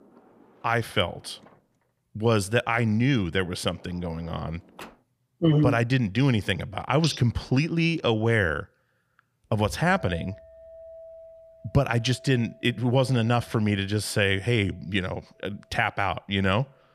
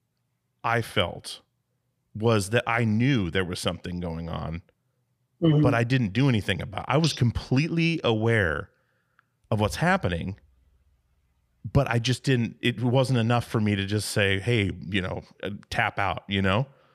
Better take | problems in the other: second | household noises; faint; throughout; 25 dB below the speech

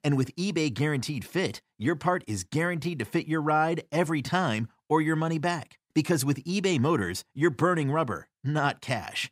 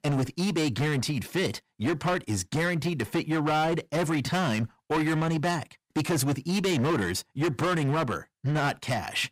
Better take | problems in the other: first | distortion; heavy; 19% of the sound clipped

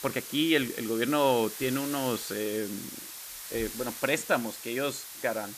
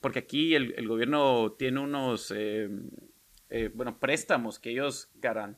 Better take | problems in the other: second | hiss; loud; throughout; 9 dB below the speech; faint in the second

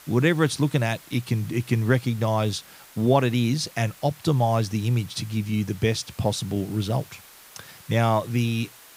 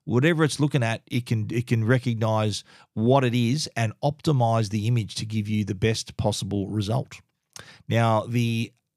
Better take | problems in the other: second | hiss; faint; throughout; 20 dB below the speech

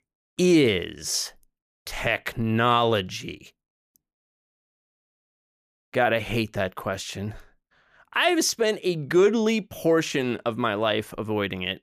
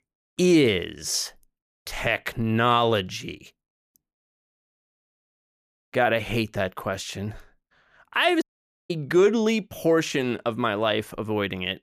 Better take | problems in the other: first | audio cutting out; at 8.5 s

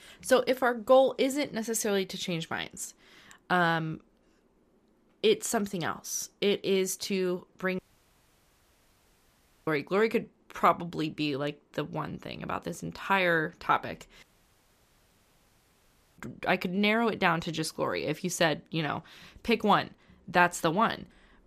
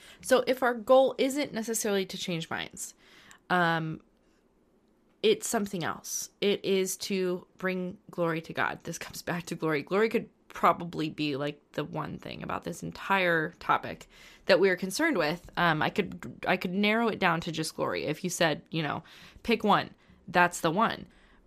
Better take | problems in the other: second | audio cutting out; at 8 s for 2 s and at 14 s for 2 s

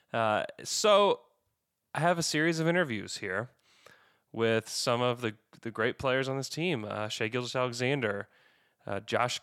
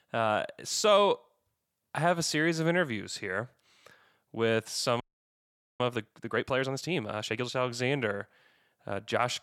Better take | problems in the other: first | audio freezing; at 5 s for 1 s

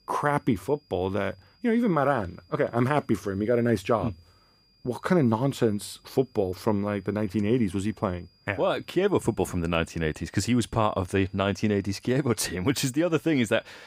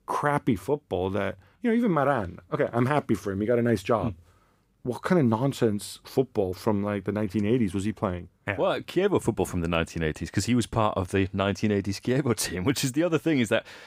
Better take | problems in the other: second | high-pitched whine; faint; throughout; 5 kHz, 35 dB below the speech

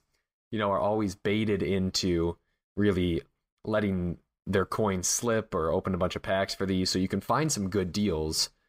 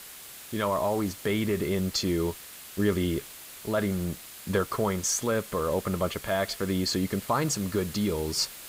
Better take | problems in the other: first | hiss; noticeable; throughout; 15 dB below the speech

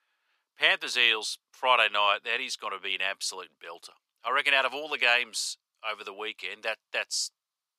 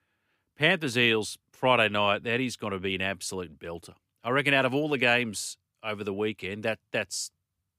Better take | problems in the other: second | thin; very; fading below 700 Hz

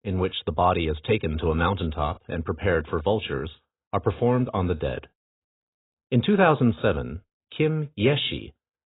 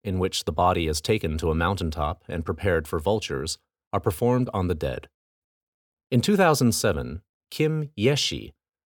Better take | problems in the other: second | garbled, watery; badly; nothing above 4 kHz

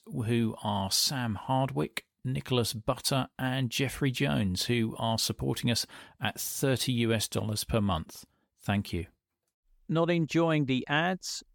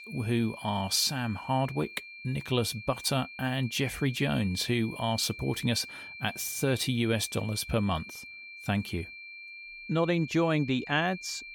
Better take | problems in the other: first | high-pitched whine; noticeable; throughout; 2.5 kHz, 15 dB below the speech

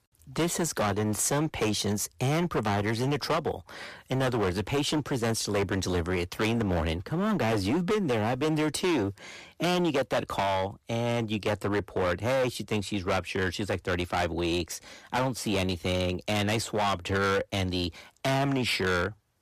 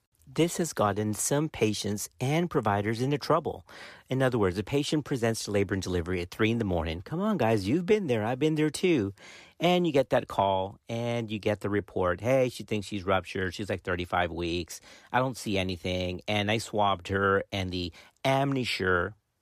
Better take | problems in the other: second | distortion; heavy; 17% of the sound clipped

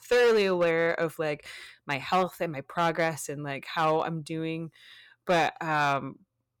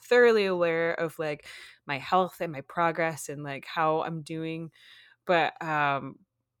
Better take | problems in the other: second | distortion; slight; 4% of the sound clipped

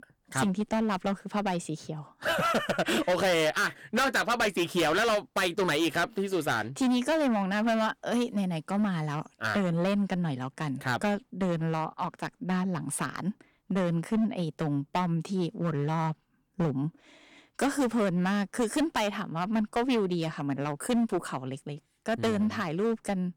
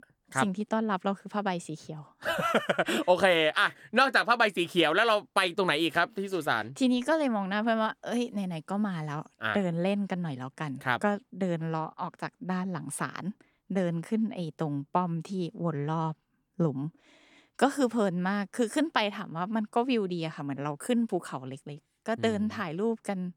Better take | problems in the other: second | distortion; heavy; 10% of the sound clipped

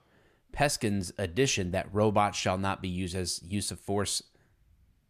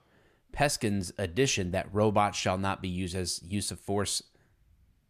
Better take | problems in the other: neither | none

